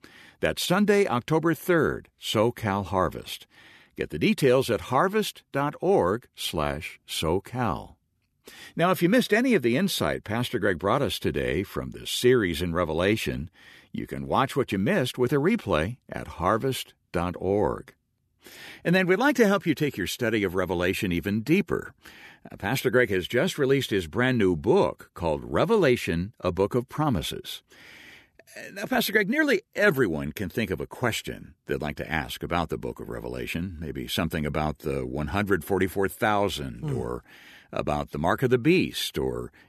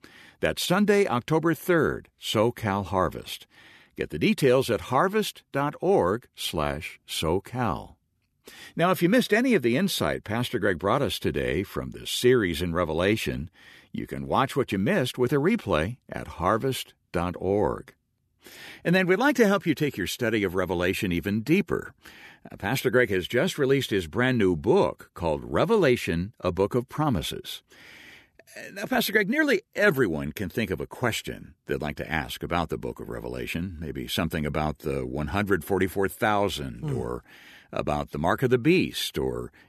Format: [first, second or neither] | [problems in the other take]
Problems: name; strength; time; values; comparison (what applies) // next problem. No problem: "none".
neither | none